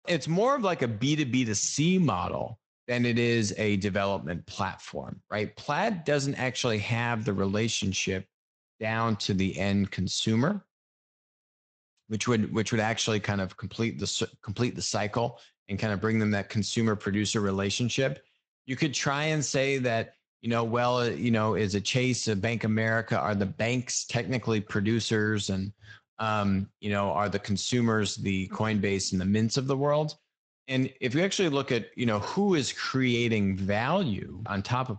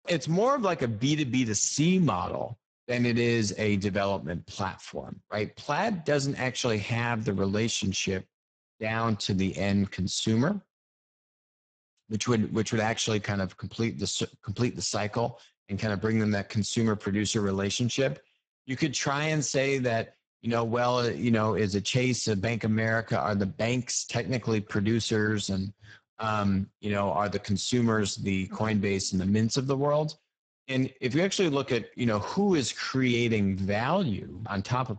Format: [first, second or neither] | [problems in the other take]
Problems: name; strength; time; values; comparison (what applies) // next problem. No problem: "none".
first | garbled, watery; badly; nothing above 7.5 kHz; slightly in the first